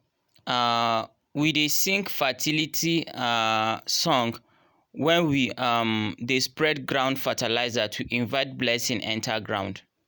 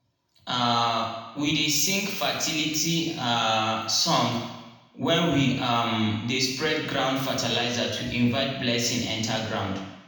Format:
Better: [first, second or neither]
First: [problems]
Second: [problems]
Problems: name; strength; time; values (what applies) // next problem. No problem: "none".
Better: first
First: none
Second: room echo; dies away in 1 s